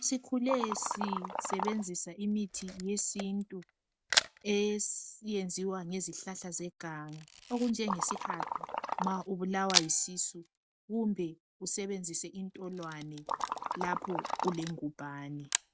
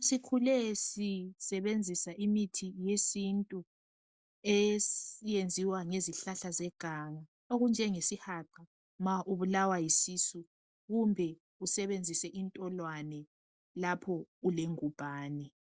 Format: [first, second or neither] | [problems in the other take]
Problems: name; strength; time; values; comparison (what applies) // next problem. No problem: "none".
second | background sound (Liquid + Camera); 3 dB below the speech